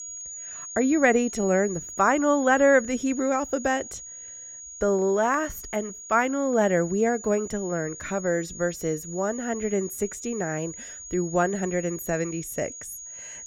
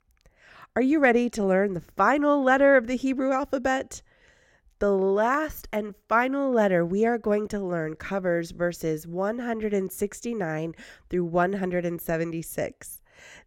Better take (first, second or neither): second